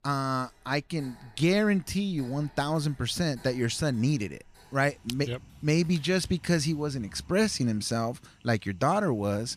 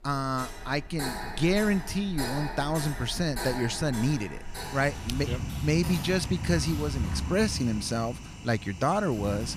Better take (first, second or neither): first